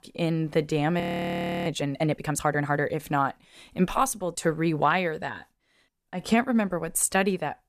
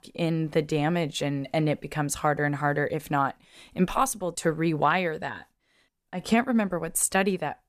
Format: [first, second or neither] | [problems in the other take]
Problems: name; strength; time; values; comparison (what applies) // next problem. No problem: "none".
second | audio freezing; at 1 s for 0.5 s